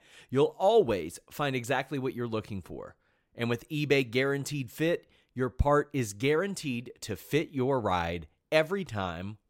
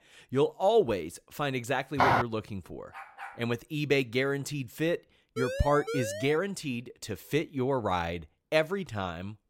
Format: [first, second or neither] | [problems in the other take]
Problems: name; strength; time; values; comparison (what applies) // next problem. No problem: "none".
first | footsteps; loud; at 2 s; peak 5 dB above the speech // dog barking; faint; at 3 s; peak 15 dB below the speech // siren; noticeable; from 5.5 to 6.5 s; peak 5 dB below the speech